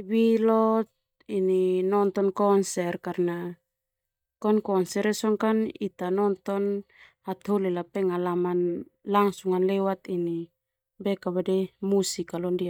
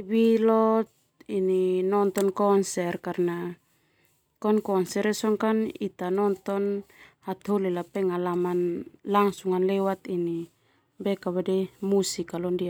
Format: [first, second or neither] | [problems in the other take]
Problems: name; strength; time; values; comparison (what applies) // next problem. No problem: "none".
second | noise reduction (neural mask model DeepFilterNet 3)